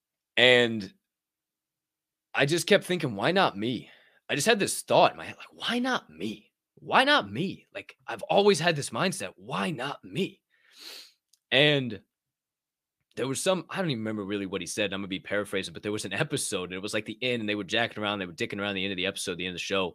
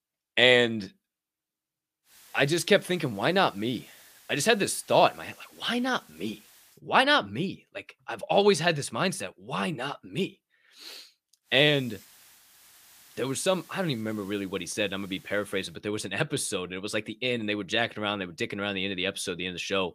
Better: first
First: none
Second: hiss; faint; from 2 to 6.5 s and from 11 to 16 s; 25 dB below the speech

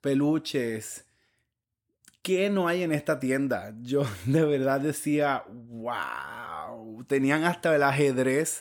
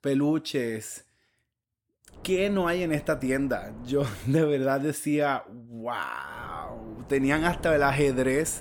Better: first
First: none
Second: wind noise on the microphone; occasional gusts; from 2 to 4.5 s and from 6.5 s on; 20 dB below the speech

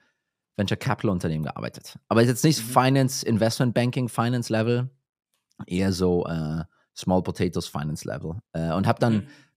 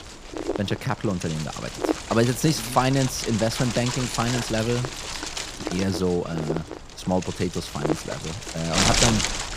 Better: first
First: none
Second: wind noise on the microphone; heavy; 1 dB below the speech

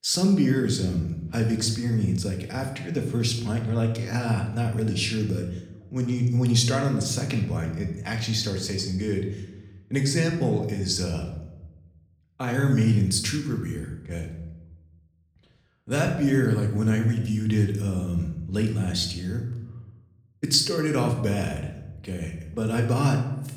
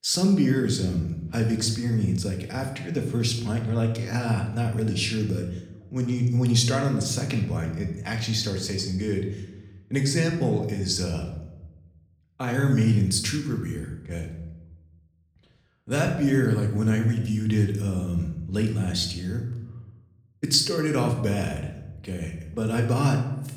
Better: neither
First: room echo; slight; dies away in 0.7 s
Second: room echo; slight; dies away in 0.7 s

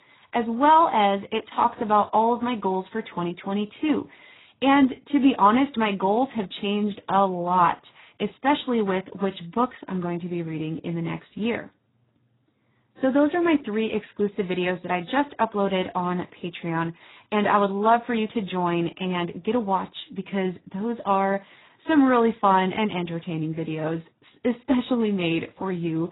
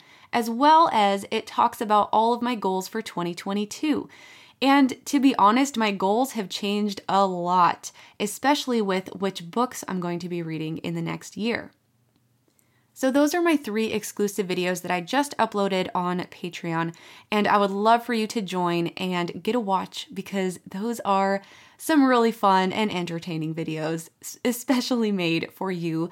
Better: second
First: garbled, watery; badly; nothing above 4 kHz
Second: none

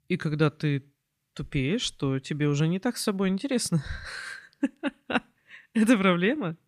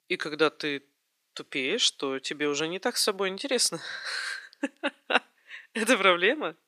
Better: first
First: none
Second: thin; somewhat; fading below 400 Hz

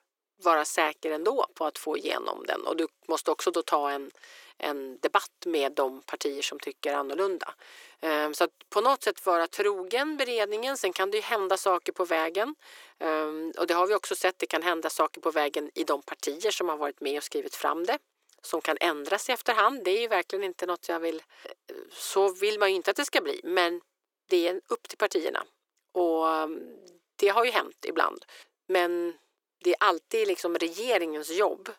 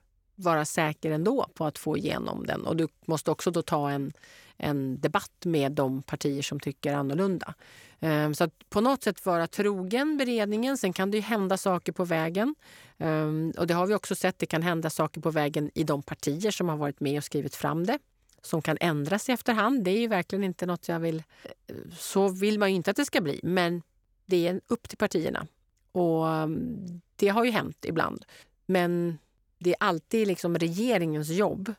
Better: second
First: thin; very; fading below 350 Hz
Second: none

